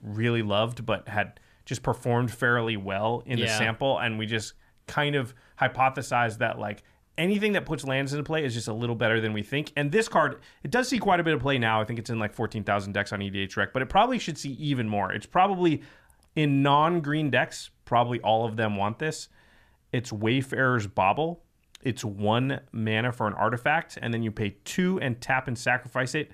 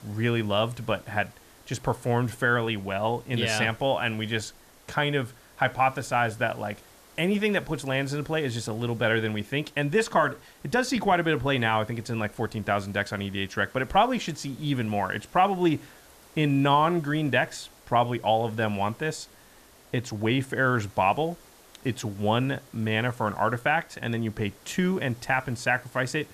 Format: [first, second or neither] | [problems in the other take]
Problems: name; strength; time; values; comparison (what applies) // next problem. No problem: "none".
first | hiss; faint; throughout; 25 dB below the speech